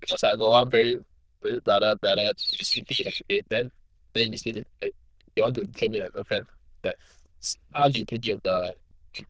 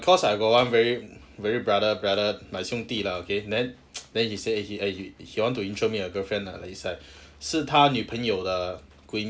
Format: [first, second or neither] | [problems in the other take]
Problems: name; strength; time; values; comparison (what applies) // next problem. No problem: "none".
second | noise reduction (neural diffusion model UNIVERSE++)